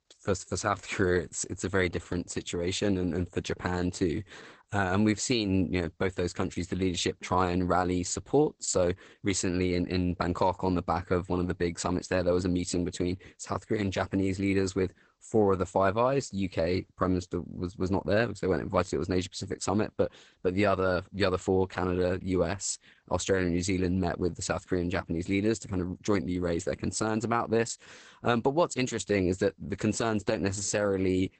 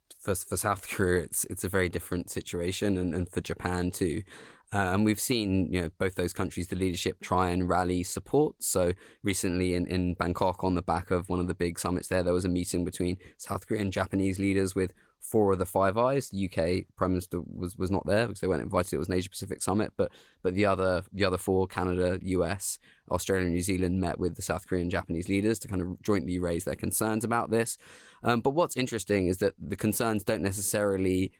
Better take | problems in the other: second | garbled, watery; badly; nothing above 8 kHz; slightly in the second

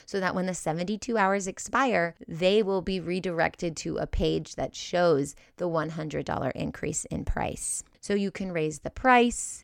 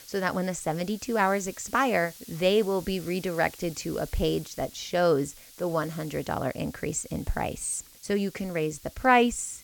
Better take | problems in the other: first | hiss; noticeable; throughout; 20 dB below the speech

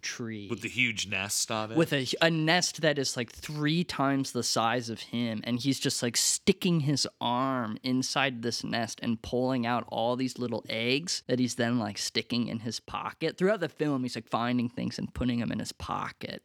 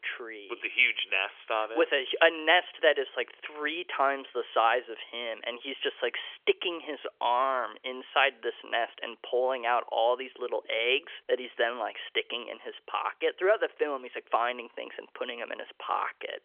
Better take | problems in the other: first | phone-call audio; nothing above 3.5 kHz

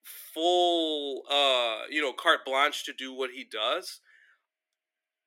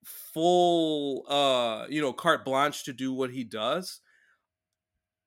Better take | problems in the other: second | thin; somewhat; fading below 300 Hz

